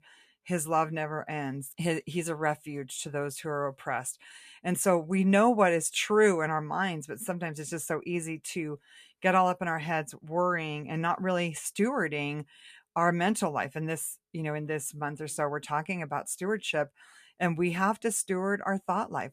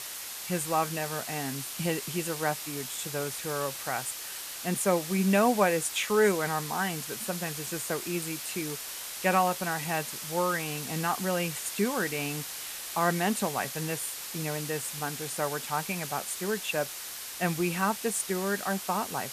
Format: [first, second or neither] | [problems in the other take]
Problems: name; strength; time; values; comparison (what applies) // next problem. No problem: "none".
first | hiss; loud; throughout; 5 dB below the speech